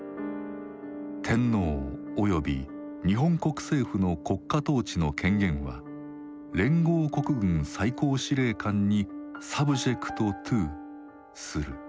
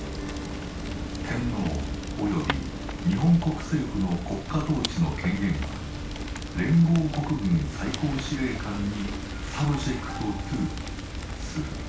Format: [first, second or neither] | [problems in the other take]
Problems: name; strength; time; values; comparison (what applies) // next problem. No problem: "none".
first | background sound (Fire); 6 dB below the speech // room echo; dies away in 0.3 s